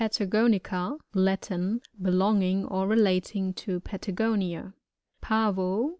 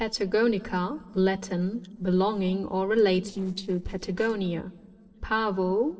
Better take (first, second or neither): first